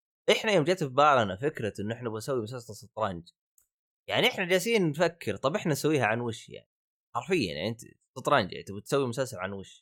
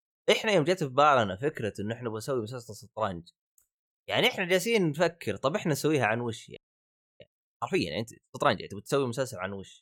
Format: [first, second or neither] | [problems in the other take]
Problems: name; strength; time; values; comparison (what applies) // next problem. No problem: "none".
first | audio freezing; at 6.5 s for 0.5 s